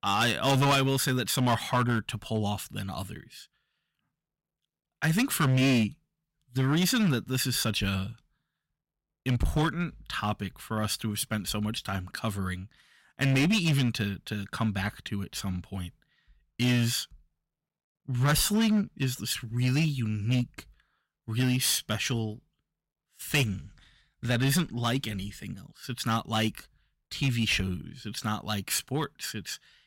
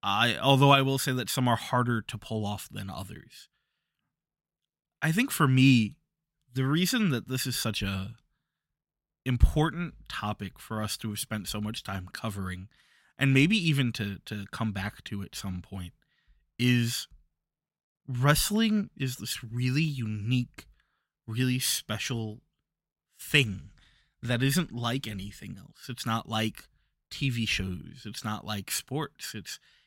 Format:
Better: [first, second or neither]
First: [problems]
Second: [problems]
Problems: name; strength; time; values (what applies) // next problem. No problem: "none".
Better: second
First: distortion; heavy; 5% of the sound clipped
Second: none